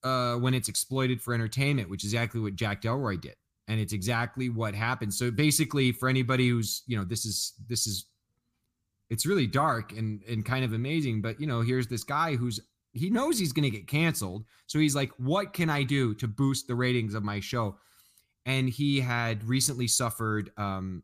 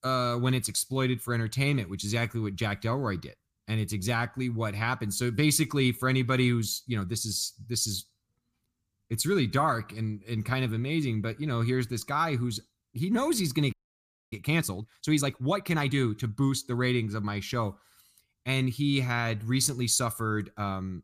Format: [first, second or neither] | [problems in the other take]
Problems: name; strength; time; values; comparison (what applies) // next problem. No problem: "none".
first | audio freezing; at 14 s for 0.5 s